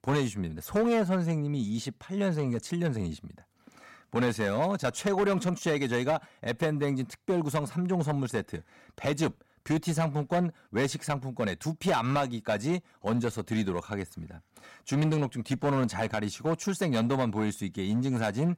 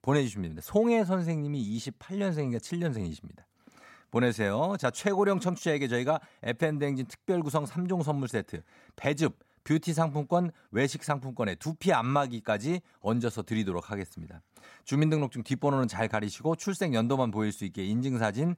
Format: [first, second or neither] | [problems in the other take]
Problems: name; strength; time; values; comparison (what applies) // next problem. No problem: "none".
second | distortion; slight; 6% of the sound clipped